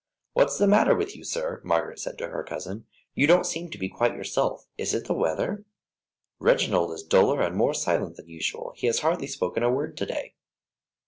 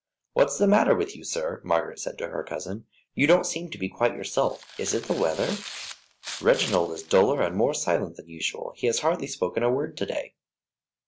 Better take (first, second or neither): first